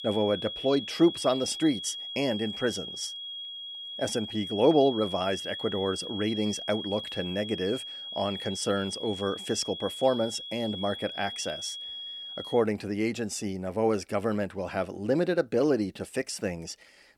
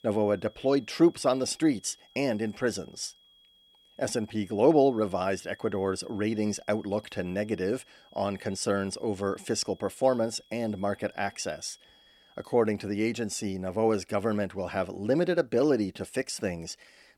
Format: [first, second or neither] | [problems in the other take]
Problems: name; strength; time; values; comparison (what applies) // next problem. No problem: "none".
second | high-pitched whine; loud; until 13 s; 3.5 kHz, 7 dB below the speech; faint in the second